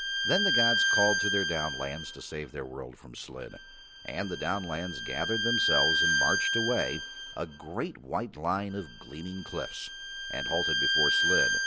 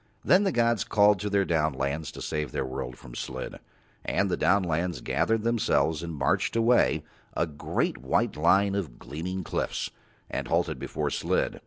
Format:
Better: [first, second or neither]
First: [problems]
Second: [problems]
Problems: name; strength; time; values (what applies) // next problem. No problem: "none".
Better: second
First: background sound (Bowed string instrument); 3 dB above the speech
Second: none